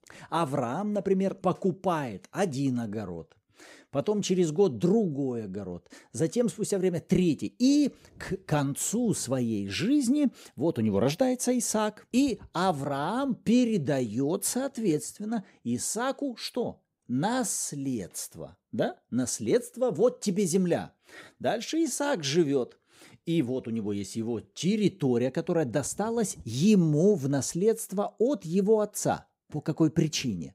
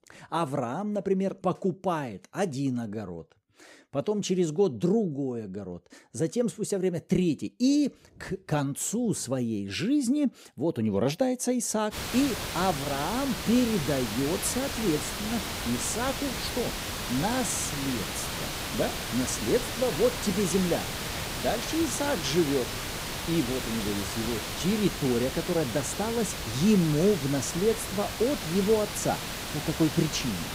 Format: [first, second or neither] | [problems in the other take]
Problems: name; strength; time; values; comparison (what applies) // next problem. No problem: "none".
first | hiss; loud; from 12 s on; 4 dB below the speech